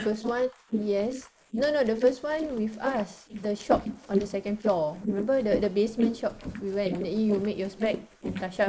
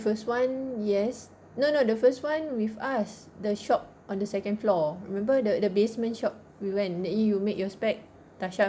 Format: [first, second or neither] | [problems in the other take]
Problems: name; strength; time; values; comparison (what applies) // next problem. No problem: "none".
second | noise reduction (neural mask model Resemble Enhance denoiser)